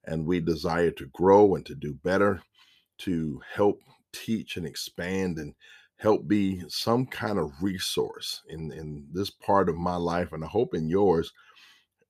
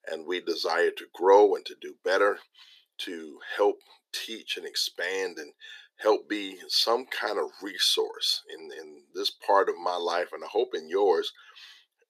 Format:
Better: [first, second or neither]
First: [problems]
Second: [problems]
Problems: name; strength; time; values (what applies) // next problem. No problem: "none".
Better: first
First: none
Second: thin; very; fading below 350 Hz